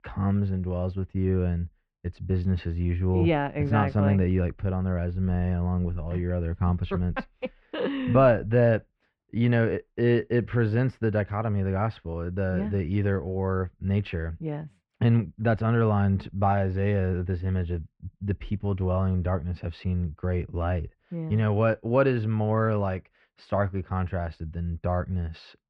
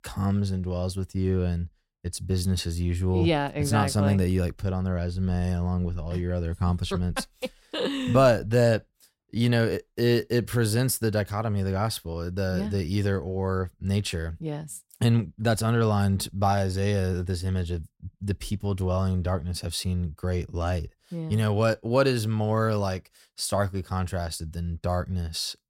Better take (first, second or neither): second